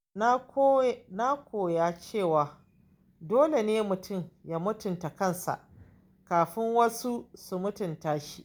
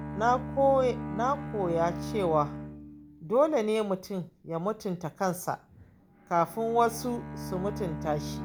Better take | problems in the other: first | background sound (Bowed string instrument); 10 dB below the speech

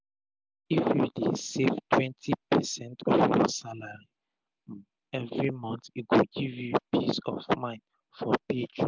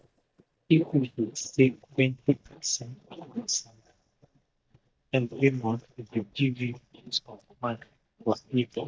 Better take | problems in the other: first | noise reduction (neural mask model DeepFilterNet 3)

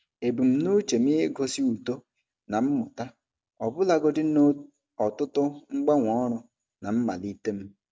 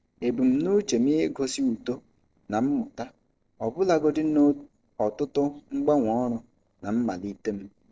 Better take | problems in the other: first | noise reduction (neural separator model SepFormer DNS4)

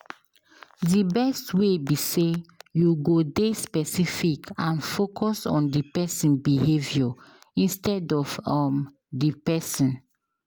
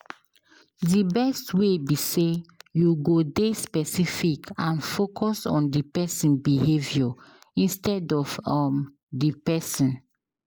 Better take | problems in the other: first | noise reduction (neural mask model Resemble Enhance denoiser)

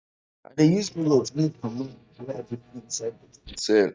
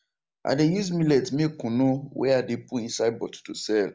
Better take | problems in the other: second | noise reduction (neural mask model DeepFilterNet 3)

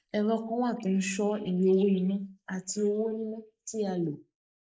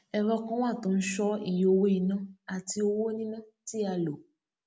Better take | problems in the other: second | noise reduction (neural mask model Resemble Enhance denoiser)

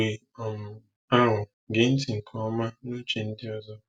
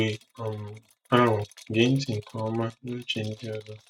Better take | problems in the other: first | noise reduction (neural mask model RNNoise)

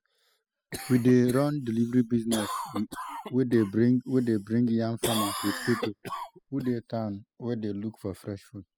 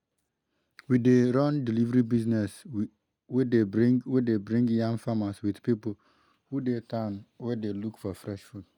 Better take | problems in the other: second | noise reduction (classical method spectral subtraction)

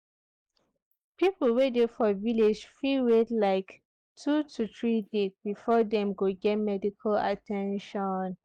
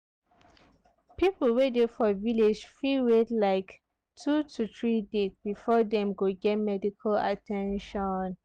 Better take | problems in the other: second | noise reduction (neural mask model Resemble Enhance denoiser)

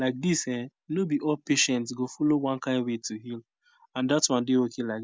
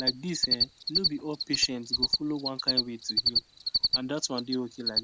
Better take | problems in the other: first | background sound (Cricket); 5 dB above the speech

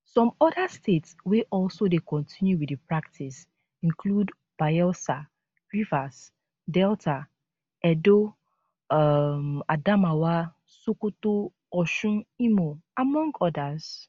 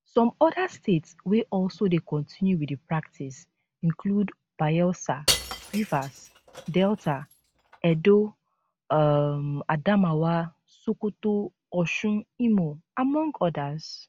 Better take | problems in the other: first | background sound (Shatter / Crushing); 8 dB below the speech

